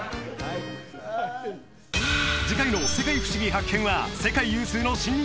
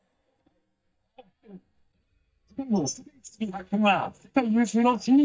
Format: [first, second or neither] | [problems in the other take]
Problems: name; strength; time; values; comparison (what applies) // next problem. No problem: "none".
first | noise reduction (neural mask model DeepFilterNet 3)